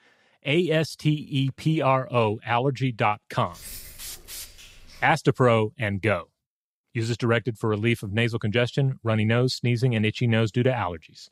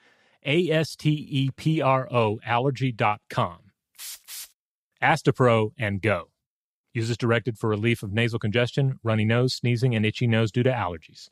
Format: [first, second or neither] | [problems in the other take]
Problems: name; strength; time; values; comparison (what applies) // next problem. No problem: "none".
second | jangling keys; faint; from 3.5 to 5 s; peak 15 dB below the speech